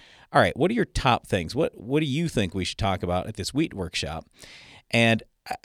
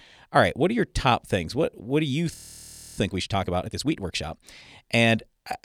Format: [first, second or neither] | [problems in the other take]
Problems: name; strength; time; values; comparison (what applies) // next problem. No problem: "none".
first | audio freezing; at 2.5 s for 0.5 s